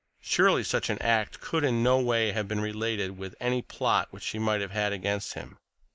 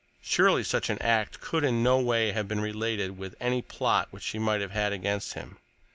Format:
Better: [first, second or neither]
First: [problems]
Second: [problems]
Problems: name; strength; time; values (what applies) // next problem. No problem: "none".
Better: second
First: noise reduction (neural mask model Resemble Enhance denoiser)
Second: none